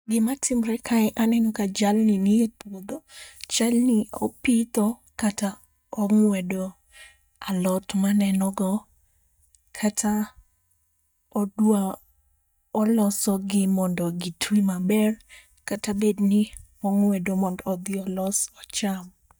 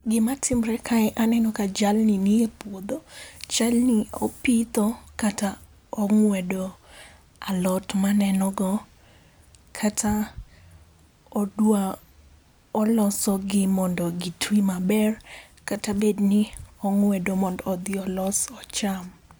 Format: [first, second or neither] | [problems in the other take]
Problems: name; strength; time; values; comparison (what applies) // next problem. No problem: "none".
second | noise reduction (neural mask model DeepFilterNet 3)